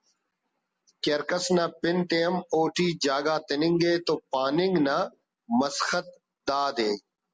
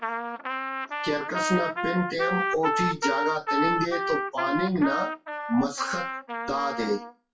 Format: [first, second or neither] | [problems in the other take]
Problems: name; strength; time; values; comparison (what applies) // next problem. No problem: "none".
first | noise reduction (classical method WPE with log-MMSE)